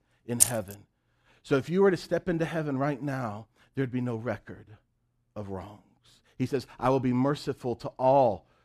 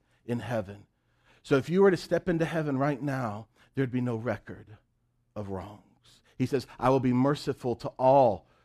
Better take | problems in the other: second | jangling keys; loud; at 0.5 s; peak 5 dB above the speech

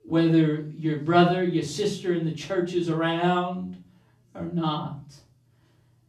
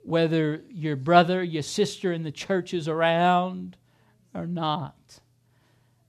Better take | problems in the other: second | off-mic speech; far // room echo; slight; dies away in 0.3 s

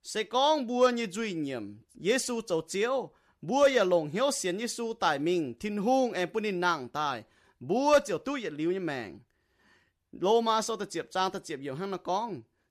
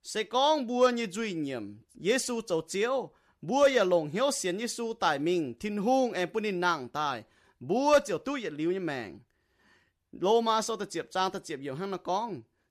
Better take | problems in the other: neither | none

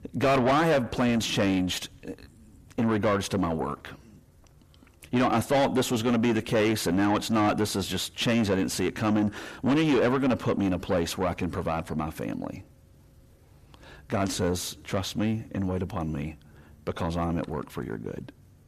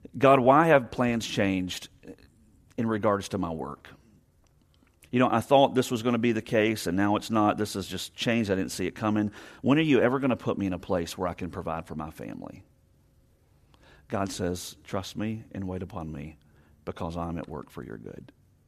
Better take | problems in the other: second | distortion; heavy; 6 dB below the speech

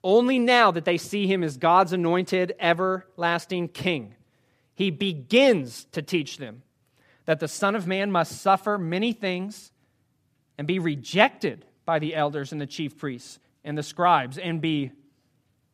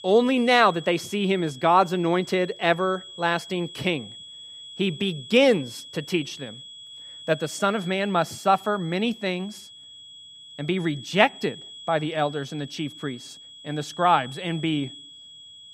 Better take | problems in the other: first | high-pitched whine; noticeable; throughout; 3.5 kHz, 15 dB below the speech

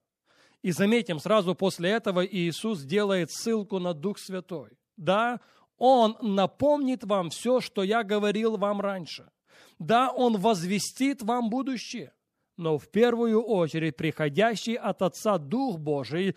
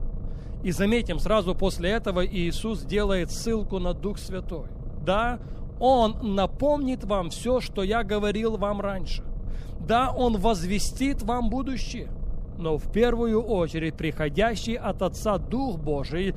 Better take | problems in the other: first | low rumble; faint; throughout; 20 dB below the speech

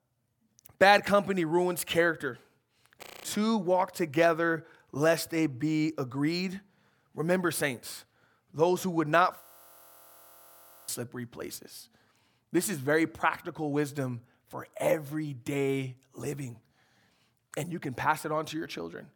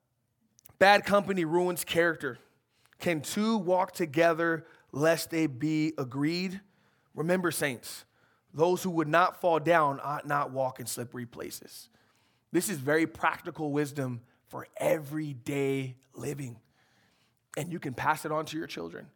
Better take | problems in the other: second | audio freezing; at 3 s and at 9.5 s for 1.5 s

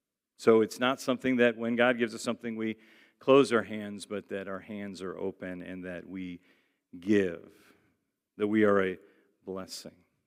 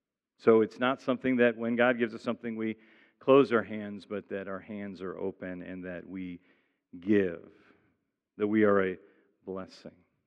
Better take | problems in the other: first | muffled; slightly; fading above 2.5 kHz

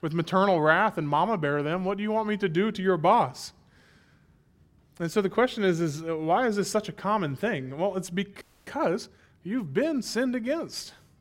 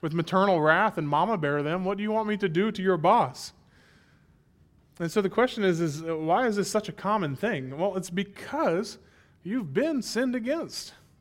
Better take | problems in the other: second | audio freezing; at 8.5 s

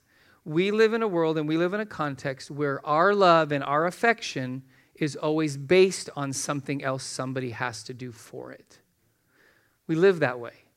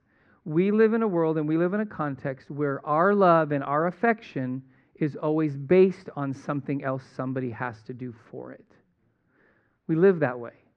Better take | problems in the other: first | muffled; very; fading above 1.5 kHz

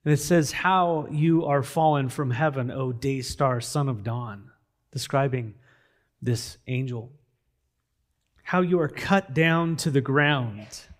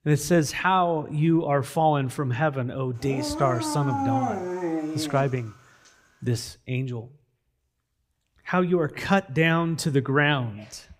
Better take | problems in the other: first | dog barking; noticeable; from 3 to 5.5 s; peak 1 dB below the speech

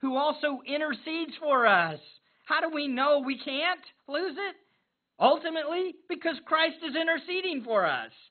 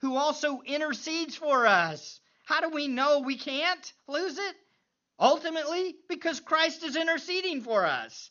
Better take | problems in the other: second | garbled, watery; badly; nothing above 4 kHz; slightly in the second

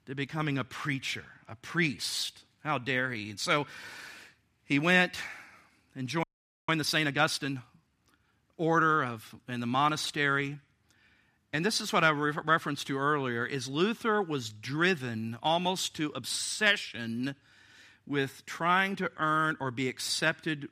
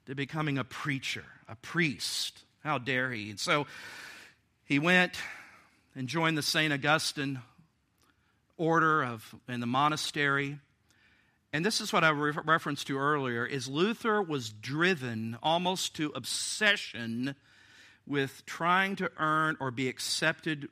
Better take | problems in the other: second | audio freezing; at 6 s

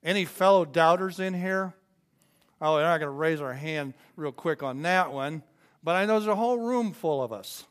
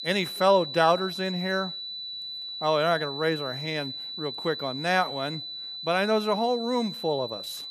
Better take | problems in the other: first | high-pitched whine; loud; throughout; 4 kHz, 7 dB below the speech

